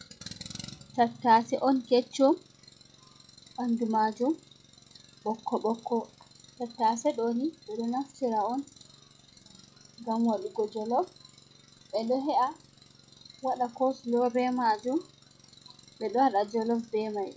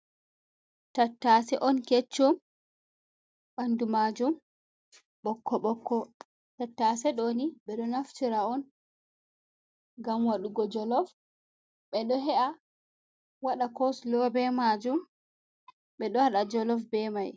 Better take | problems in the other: second | noise reduction (classical method log-MMSE)

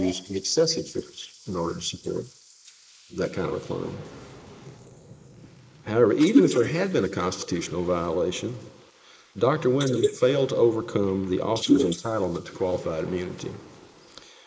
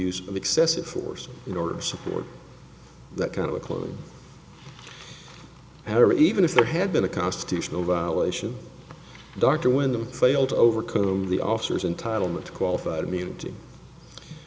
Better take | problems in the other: second | noise reduction (neural mask model Resemble Enhance denoiser)

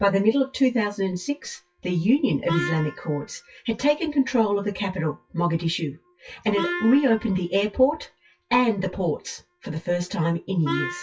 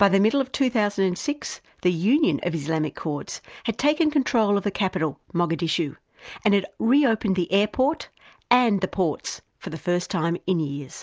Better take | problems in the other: second | noise reduction (classical method WPE with log-MMSE)

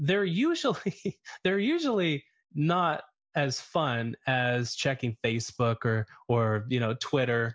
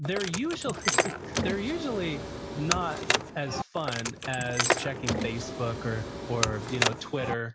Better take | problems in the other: first | background sound (Car); 2 dB above the speech

